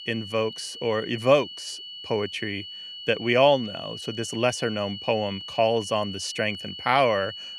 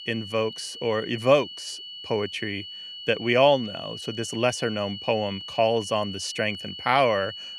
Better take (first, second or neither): neither